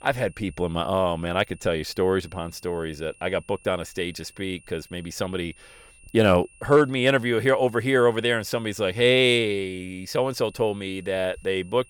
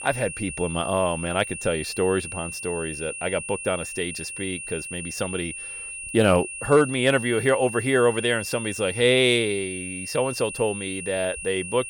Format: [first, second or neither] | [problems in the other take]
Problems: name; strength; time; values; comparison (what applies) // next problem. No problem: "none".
first | high-pitched whine; loud; throughout; 2.5 kHz, 8 dB below the speech; faint in the first